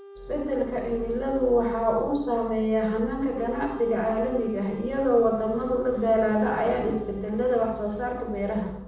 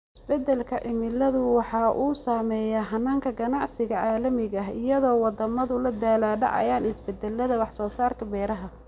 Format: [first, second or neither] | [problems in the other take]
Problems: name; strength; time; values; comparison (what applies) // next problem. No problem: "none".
second | background sound (Wind instrument, woodwind instrument); 19 dB below the speech // room echo; dies away in 0.7 s